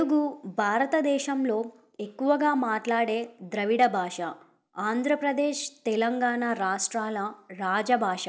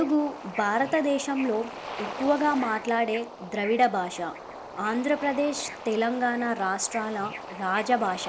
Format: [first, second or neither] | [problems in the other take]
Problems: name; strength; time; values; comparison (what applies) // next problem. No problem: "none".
first | background sound (Bird / Ocean); 12 dB below the speech